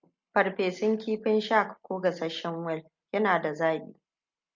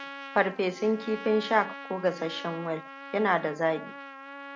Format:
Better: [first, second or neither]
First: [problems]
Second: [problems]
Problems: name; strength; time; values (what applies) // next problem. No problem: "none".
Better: first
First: none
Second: background sound (Trumpet); 13 dB below the speech